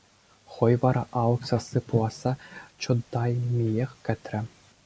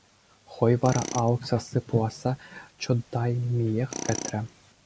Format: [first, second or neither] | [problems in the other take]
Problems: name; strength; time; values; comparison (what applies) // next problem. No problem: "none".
first | background sound (Tools); 14 dB below the speech